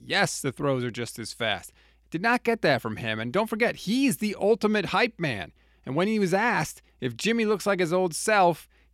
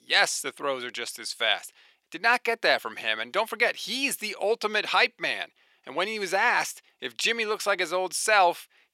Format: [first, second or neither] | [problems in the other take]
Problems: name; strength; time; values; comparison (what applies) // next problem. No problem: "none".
first | thin; very; fading below 600 Hz